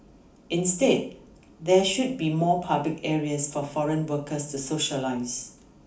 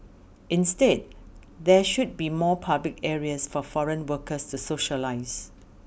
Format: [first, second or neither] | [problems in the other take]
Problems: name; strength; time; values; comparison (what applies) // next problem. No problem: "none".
second | room echo; dies away in 0.4 s